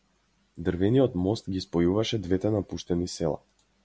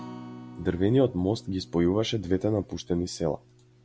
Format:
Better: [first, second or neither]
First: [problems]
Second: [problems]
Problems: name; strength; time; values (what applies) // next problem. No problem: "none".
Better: first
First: none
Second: background sound (Acoustic guitar); 19 dB below the speech